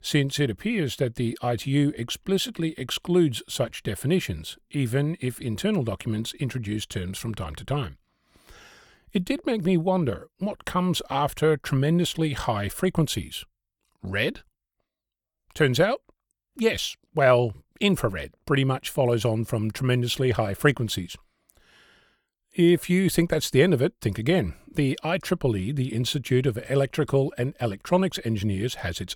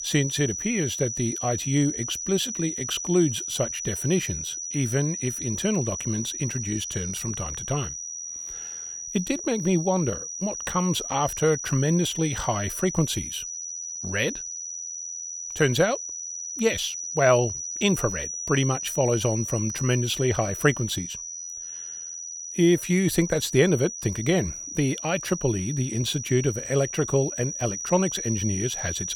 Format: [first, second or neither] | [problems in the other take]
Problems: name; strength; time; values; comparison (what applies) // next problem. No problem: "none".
first | high-pitched whine; loud; throughout; 6 kHz, 5 dB below the speech